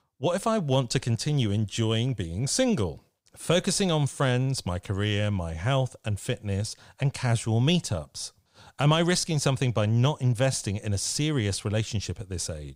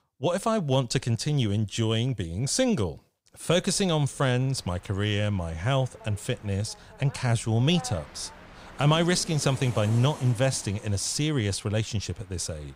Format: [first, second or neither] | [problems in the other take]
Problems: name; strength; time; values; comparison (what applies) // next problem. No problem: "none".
first | train or aircraft noise; noticeable; from 4 s on; 20 dB below the speech